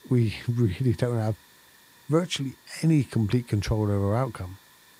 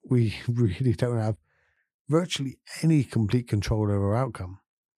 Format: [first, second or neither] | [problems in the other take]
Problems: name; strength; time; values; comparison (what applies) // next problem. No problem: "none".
second | hiss; faint; throughout; 25 dB below the speech